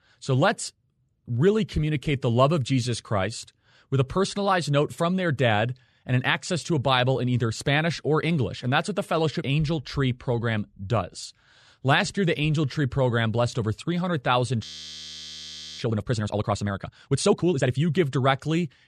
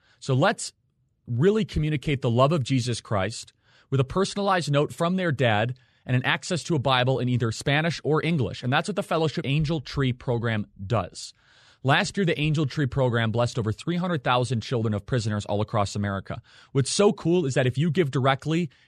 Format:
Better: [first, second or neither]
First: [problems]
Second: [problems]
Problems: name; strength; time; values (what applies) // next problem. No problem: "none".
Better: second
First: audio freezing; at 15 s for 1 s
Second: none